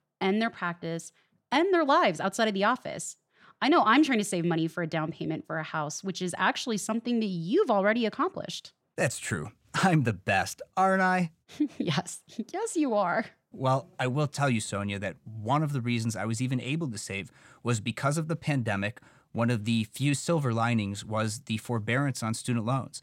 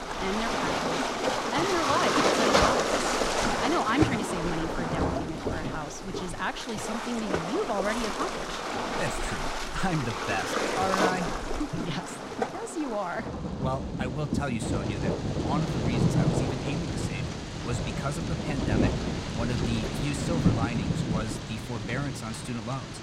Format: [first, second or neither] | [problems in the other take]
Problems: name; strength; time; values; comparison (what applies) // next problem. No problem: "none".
first | rain or running water; very loud; throughout; 4 dB above the speech